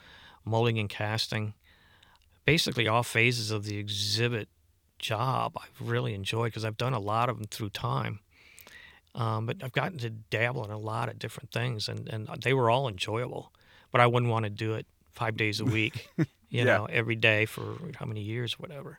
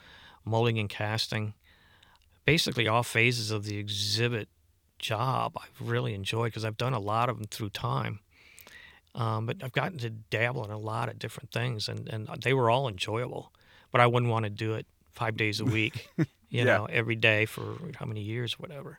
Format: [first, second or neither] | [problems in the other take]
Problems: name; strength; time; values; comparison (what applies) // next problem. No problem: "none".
neither | none